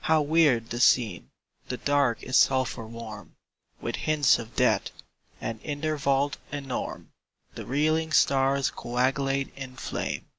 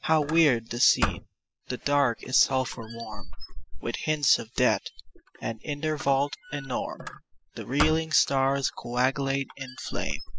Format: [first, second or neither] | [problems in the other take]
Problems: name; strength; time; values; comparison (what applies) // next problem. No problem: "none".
first | noise reduction (classical method spectral subtraction)